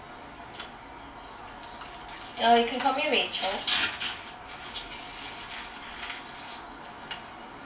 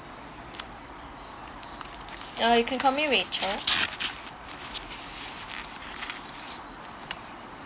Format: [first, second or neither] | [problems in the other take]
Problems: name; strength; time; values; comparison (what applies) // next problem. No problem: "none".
second | room echo; dies away in 0.4 s